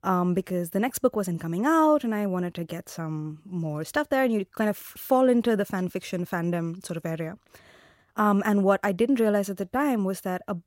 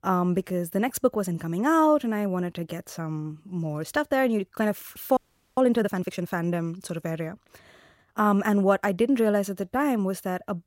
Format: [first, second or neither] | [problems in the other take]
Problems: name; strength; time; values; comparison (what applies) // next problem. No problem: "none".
first | audio freezing; at 5 s